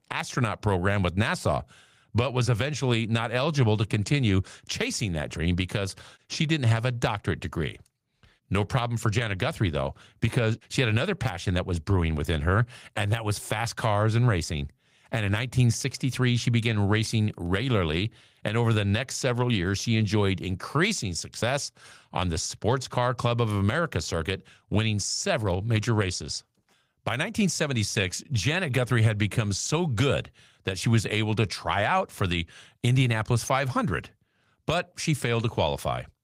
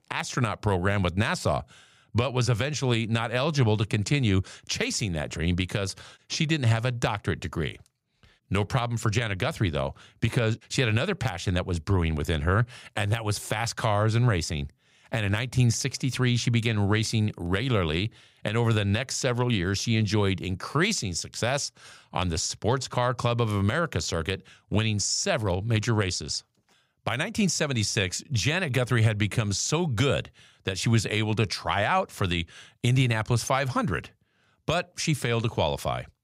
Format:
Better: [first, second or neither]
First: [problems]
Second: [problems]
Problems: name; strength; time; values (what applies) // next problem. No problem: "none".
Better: second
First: garbled, watery; slightly; nothing above 15.5 kHz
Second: none